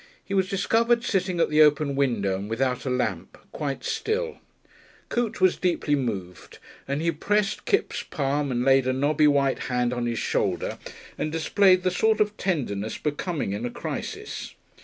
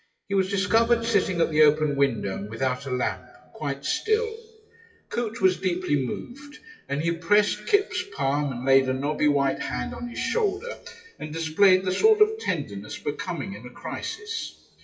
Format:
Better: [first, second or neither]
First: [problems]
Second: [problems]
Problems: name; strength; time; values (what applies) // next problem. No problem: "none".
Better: first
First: none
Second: noise reduction (classical method WPE with log-MMSE)